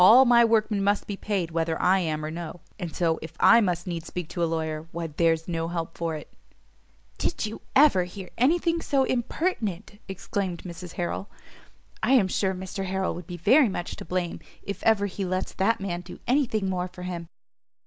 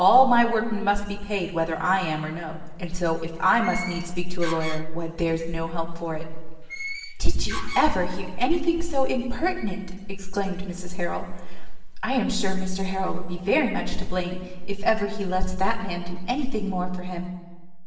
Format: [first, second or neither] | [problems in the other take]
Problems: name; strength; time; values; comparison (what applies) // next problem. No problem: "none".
first | background sound (Door); 14 dB below the speech // room echo; dies away in 1.2 s